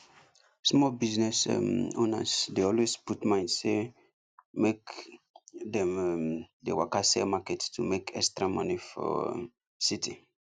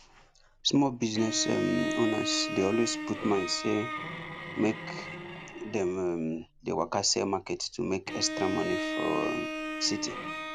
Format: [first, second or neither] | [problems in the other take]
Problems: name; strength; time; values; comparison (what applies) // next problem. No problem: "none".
first | background sound (Bowed string instrument); 6 dB below the speech